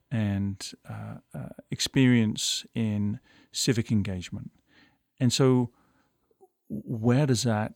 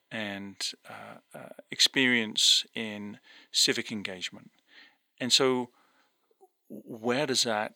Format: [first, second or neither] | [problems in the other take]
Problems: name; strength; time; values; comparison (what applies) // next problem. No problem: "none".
first | thin; somewhat; fading below 400 Hz